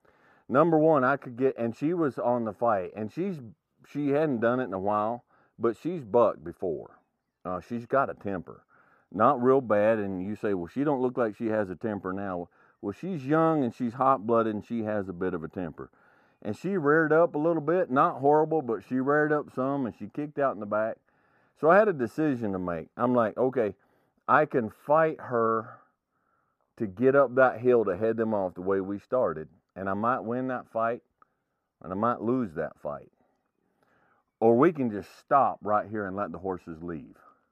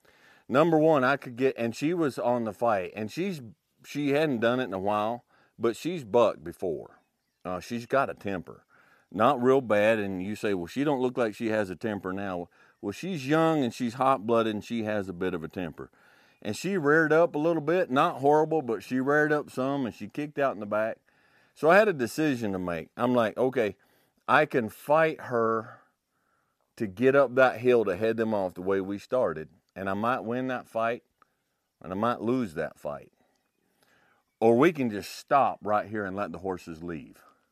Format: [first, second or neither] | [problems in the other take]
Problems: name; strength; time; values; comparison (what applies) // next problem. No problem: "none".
second | muffled; slightly; fading above 2 kHz